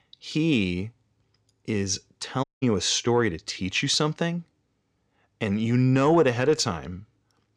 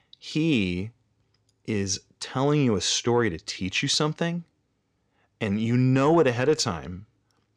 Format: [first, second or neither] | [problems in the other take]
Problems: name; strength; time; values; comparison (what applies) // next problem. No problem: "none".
second | audio cutting out; at 2.5 s